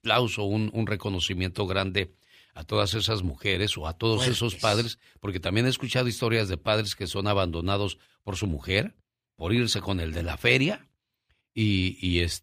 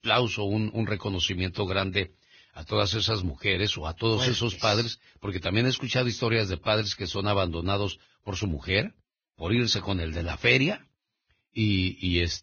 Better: first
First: none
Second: garbled, watery; badly; nothing above 6.5 kHz

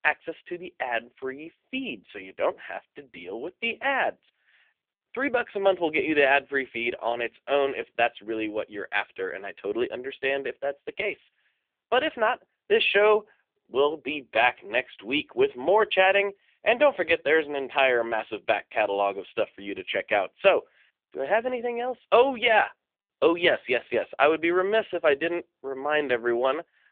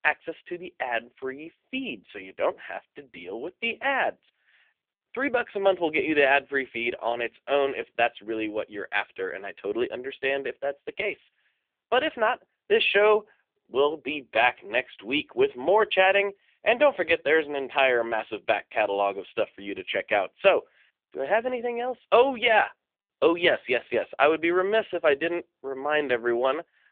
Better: neither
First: phone-call audio; poor line; nothing above 3.5 kHz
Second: phone-call audio; poor line; nothing above 3.5 kHz

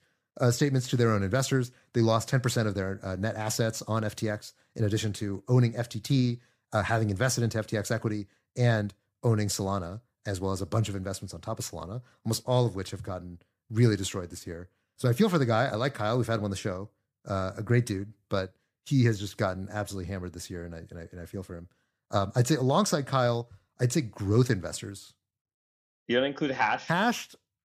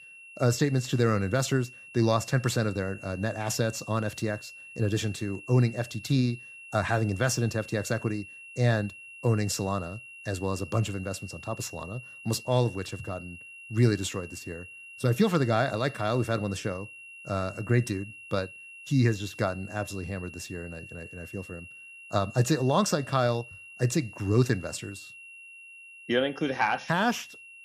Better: first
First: none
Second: high-pitched whine; noticeable; throughout; 2.5 kHz, 15 dB below the speech

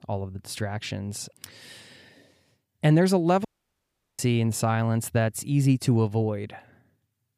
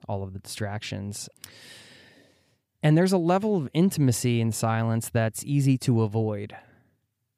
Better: second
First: audio cutting out; at 3.5 s for 0.5 s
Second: none

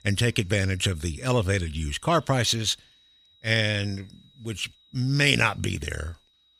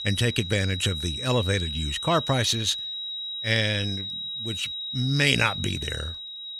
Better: first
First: high-pitched whine; faint; throughout; 4 kHz, 30 dB below the speech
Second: high-pitched whine; loud; throughout; 4 kHz, 5 dB below the speech

